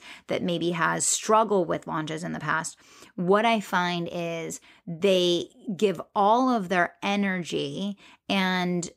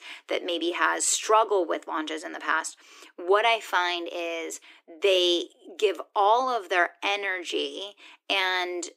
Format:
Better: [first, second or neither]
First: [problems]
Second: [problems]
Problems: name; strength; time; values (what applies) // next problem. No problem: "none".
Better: first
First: none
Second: thin; very; fading below 300 Hz